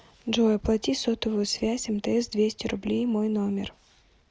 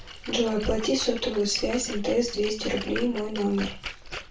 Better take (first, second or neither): first